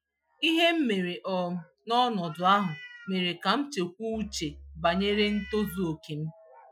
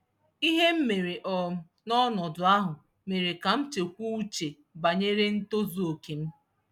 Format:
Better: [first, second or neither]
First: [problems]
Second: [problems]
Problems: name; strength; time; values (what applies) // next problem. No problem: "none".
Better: second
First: noise reduction (classical method Wiener filter)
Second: none